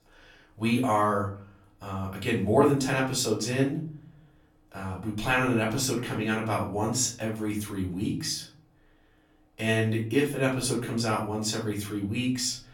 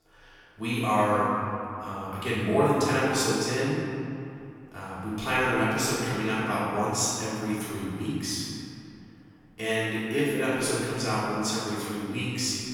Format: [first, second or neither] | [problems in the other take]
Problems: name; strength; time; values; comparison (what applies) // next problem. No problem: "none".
first | room echo; strong; dies away in 2.4 s; slight in the first // off-mic speech; far; far in the first